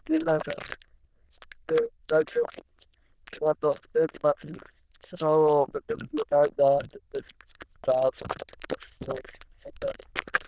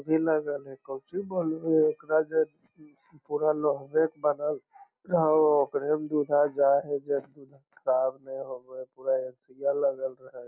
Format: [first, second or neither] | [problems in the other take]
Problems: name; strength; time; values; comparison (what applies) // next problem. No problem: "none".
second | noise reduction (neural diffusion model UNIVERSE++)